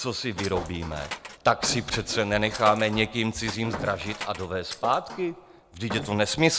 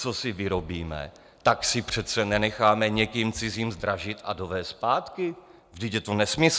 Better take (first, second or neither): second